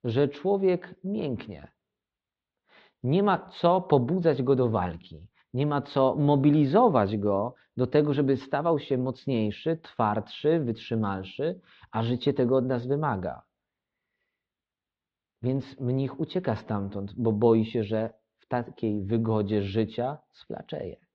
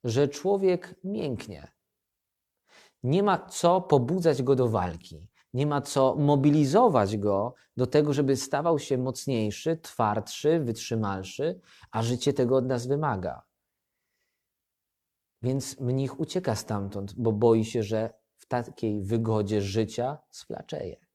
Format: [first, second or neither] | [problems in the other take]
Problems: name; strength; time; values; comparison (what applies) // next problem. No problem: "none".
second | muffled; slightly; fading above 4 kHz